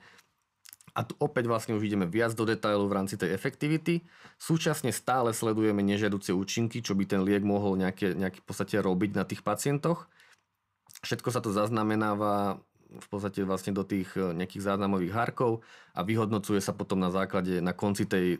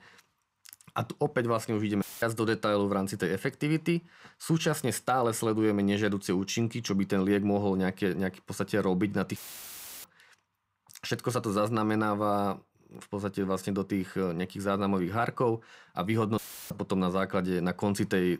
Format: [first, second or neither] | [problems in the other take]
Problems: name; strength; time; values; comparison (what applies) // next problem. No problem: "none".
first | audio cutting out; filled with static; at 2 s, at 9.5 s for 0.5 s and at 16 s